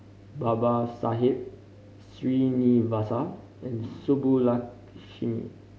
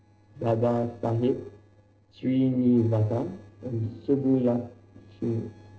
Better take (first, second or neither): first